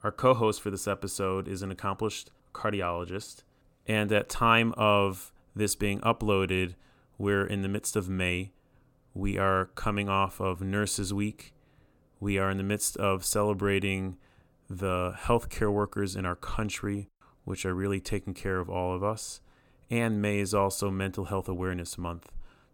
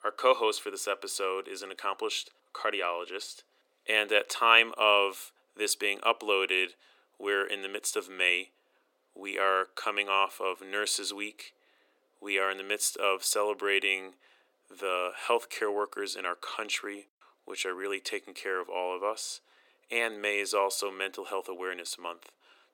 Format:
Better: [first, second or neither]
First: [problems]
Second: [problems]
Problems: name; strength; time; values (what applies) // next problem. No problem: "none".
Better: first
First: none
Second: thin; very; fading below 350 Hz